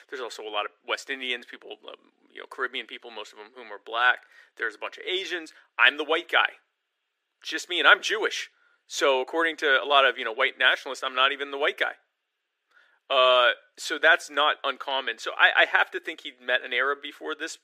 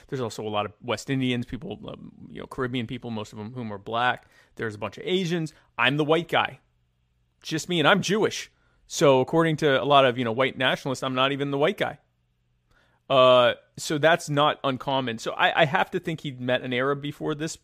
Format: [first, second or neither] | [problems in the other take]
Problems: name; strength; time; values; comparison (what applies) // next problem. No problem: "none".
second | thin; very; fading below 350 Hz